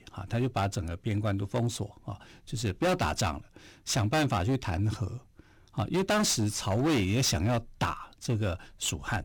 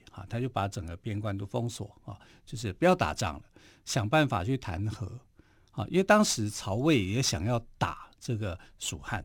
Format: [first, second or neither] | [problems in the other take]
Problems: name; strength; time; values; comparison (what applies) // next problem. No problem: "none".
second | distortion; heavy; 10% of the sound clipped